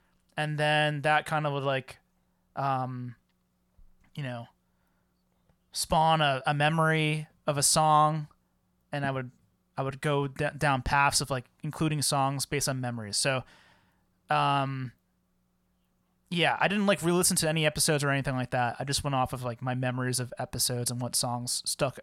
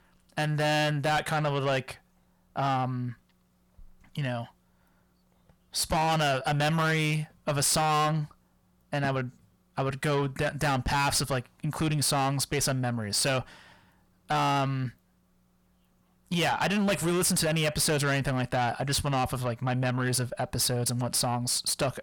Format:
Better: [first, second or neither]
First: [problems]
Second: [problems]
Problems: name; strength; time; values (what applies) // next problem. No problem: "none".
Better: first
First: none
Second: distortion; heavy; 7 dB below the speech